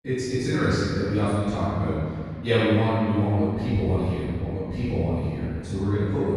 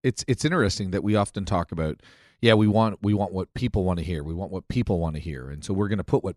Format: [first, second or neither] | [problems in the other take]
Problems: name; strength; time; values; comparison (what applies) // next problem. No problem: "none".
second | room echo; strong; dies away in 2.3 s // off-mic speech; far